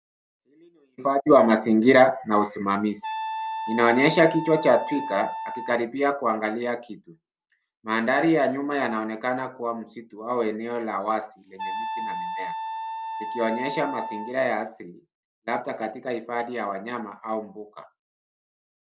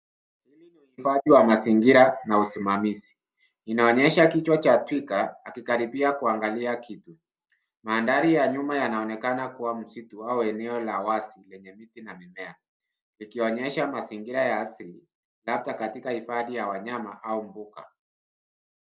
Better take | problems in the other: second | background sound (Wind instrument, woodwind instrument); 8 dB below the speech

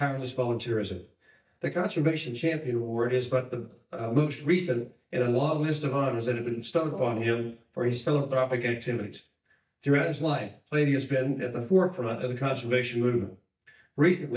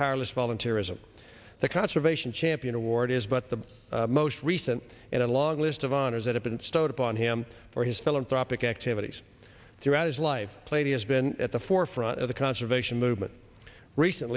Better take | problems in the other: second | noise reduction (neural mask model DeepFilterNet 3)

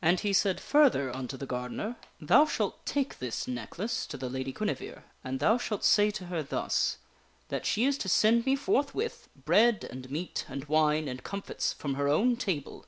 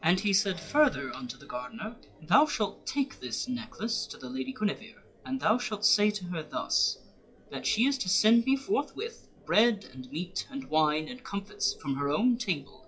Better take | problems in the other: first | noise reduction (classical method WPE with log-MMSE)

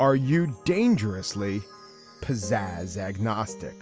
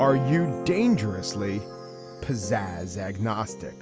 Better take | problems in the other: first | background sound (Guitar); 10 dB below the speech

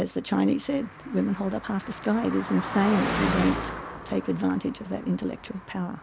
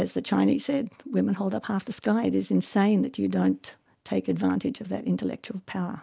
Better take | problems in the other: second | background sound (Car passing by); 7 dB below the speech

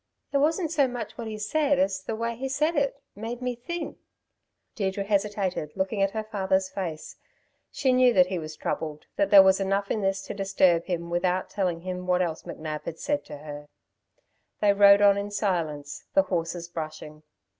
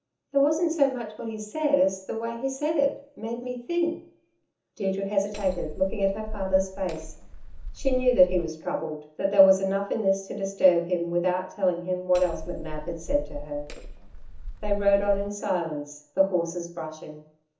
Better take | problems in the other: first | background sound (Hammer); 7 dB below the speech // room echo; dies away in 0.7 s

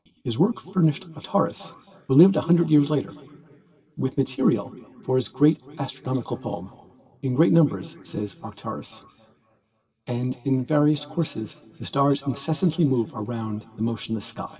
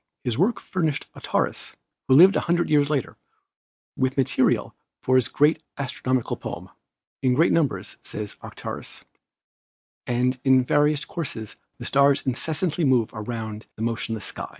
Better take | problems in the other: second | room echo; dies away in 2.4 s

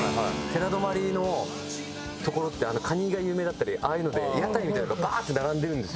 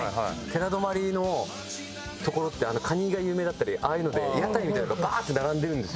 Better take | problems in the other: second | background sound (Keyboard (musical)); 10 dB below the speech

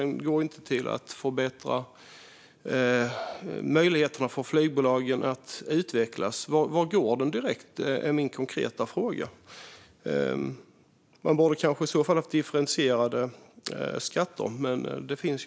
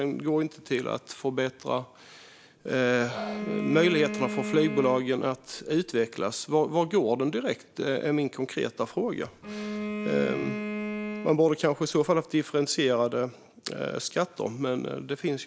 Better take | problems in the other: first | background sound (Bowed string instrument); 7 dB below the speech

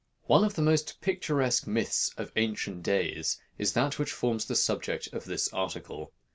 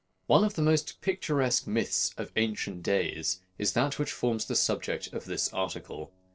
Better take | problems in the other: first | noise reduction (neural separator model SepFormer DNS4)

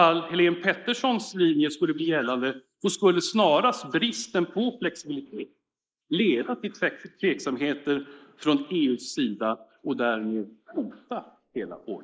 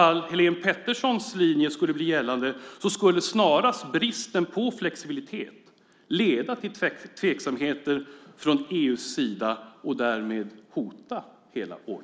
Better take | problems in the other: second | noise reduction (neural mask model Resemble Enhance denoiser)

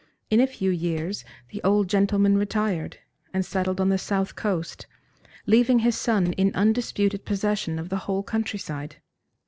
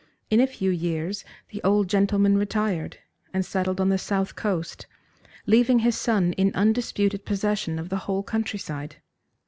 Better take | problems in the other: second | noise reduction (neural separator model SepFormer DNS4)

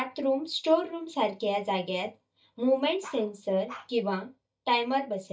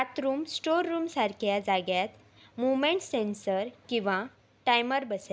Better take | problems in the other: second | noise reduction (neural mask model DeepFilterNet 3)

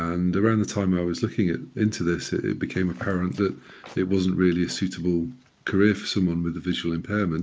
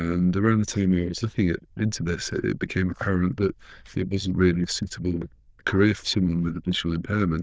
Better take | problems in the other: first | noise reduction (neural diffusion model UNIVERSE++)

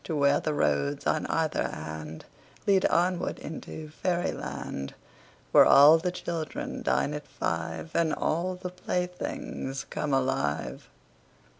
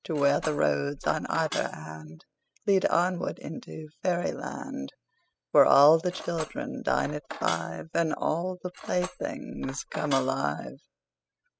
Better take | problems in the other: first | noise reduction (classical method spectral subtraction)

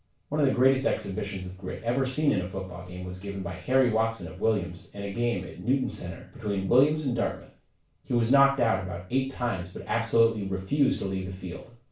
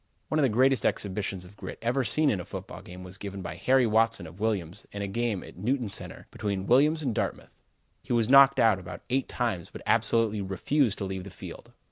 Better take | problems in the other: second | room echo; dies away in 0.3 s

